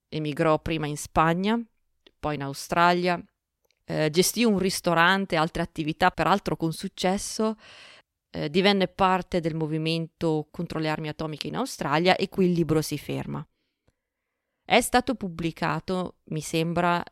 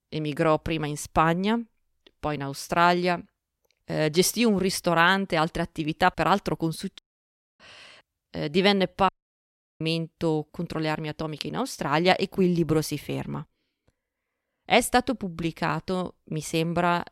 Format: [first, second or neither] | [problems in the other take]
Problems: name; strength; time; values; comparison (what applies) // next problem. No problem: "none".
first | audio cutting out; at 7 s for 0.5 s and at 9 s for 0.5 s